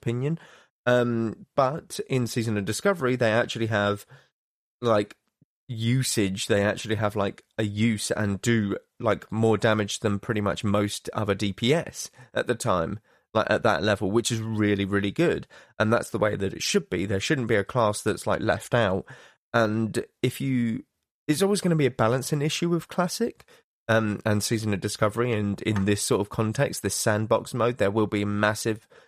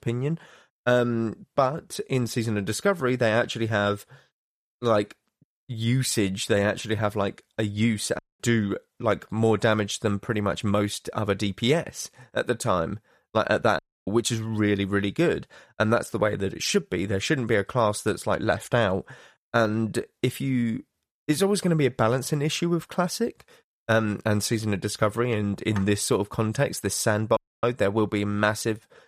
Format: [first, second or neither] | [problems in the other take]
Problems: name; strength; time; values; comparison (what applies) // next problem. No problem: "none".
first | audio cutting out; at 8 s, at 14 s and at 27 s